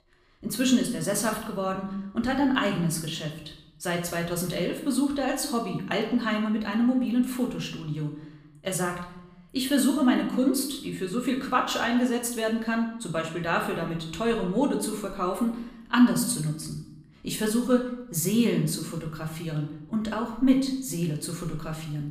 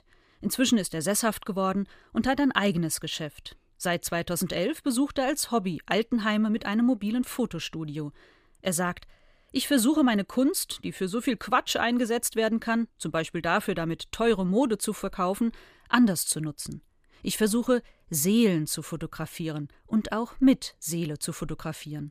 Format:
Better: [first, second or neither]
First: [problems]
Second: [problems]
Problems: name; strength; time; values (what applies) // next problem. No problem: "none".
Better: second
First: room echo; slight; dies away in 0.7 s // off-mic speech; somewhat distant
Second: none